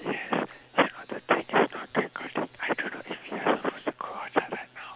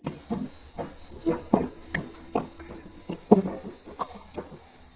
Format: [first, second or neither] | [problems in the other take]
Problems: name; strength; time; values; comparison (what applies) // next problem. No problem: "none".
first | noise reduction (neural mask model DeepFilterNet 3)